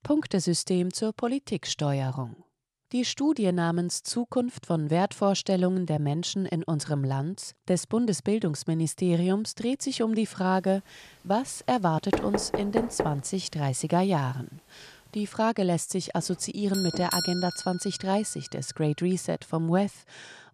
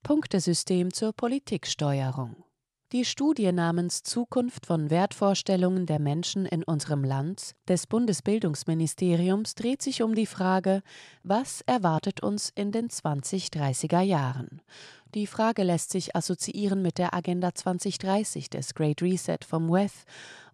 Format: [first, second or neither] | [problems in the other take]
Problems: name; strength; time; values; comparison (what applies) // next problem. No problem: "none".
second | door banging; noticeable; at 12 s; peak 1 dB below the speech // doorbell; noticeable; from 17 to 18 s; peak 1 dB below the speech